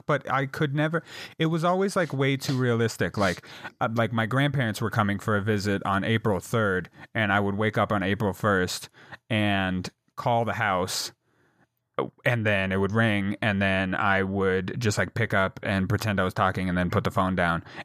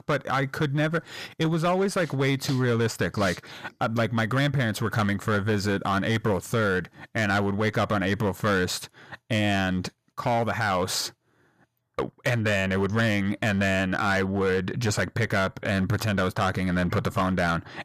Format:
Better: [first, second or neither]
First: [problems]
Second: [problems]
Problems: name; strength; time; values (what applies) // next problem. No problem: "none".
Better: first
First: none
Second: distortion; slight; 9% of the sound clipped